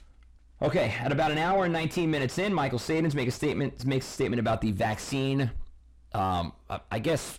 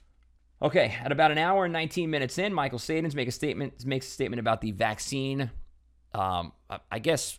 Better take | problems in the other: second | distortion; heavy; 6 dB below the speech

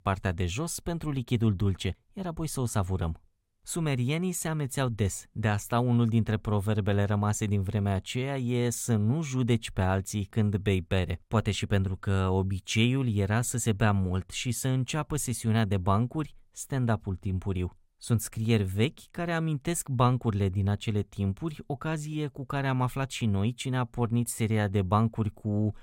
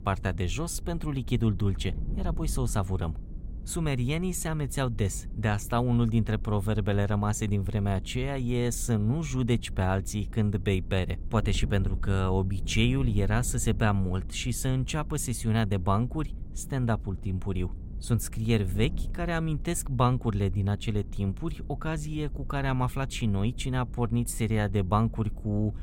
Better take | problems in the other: first | wind noise on the microphone; occasional gusts; 20 dB below the speech

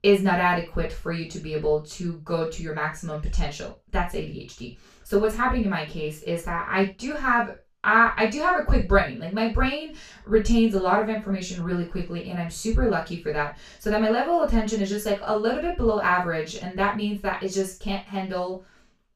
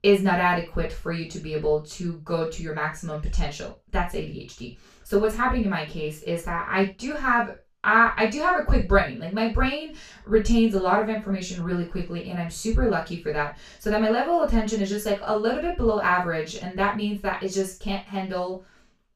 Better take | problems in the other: neither | room echo; slight; dies away in 0.2 s; the same in both // off-mic speech; far; the same in both

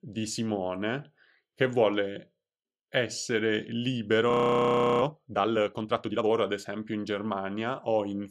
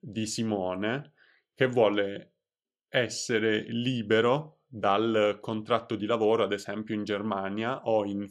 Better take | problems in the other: second | audio freezing; at 4.5 s for 0.5 s

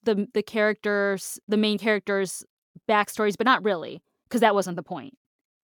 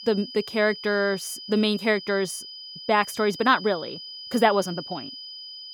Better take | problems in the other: first | high-pitched whine; noticeable; throughout; 5 kHz, 15 dB below the speech

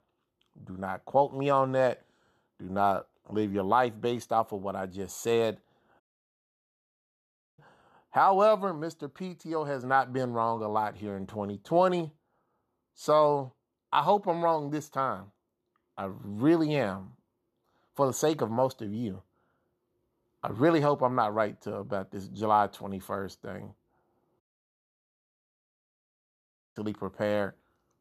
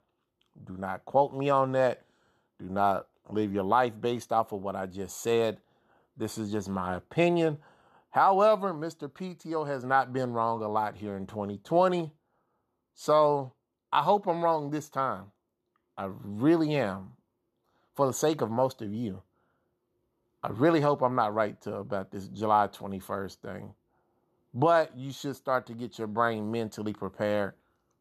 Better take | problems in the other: second | audio cutting out; at 6 s for 1.5 s and at 24 s for 2.5 s

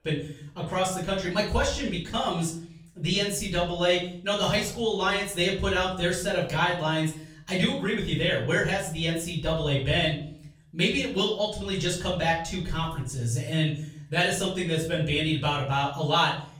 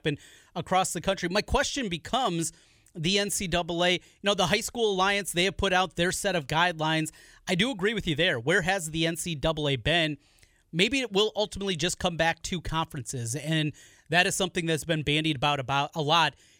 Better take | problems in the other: second | off-mic speech; far // room echo; slight; dies away in 0.6 s

